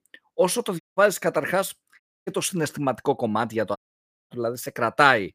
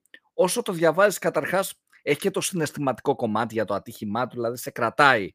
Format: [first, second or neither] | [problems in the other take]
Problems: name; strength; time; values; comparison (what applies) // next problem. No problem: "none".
second | audio cutting out; at 1 s, at 2 s and at 4 s for 0.5 s